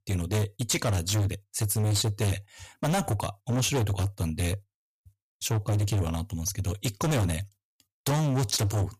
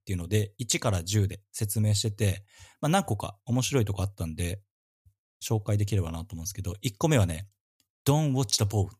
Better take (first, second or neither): second